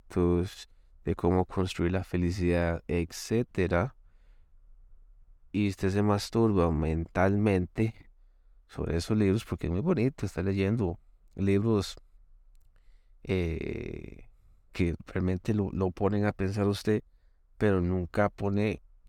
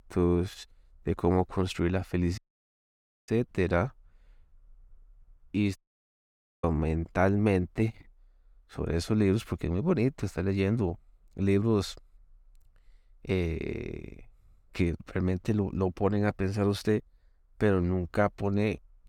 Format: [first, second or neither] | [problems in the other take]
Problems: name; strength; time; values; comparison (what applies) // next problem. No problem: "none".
first | audio cutting out; at 2.5 s for 1 s and at 6 s for 1 s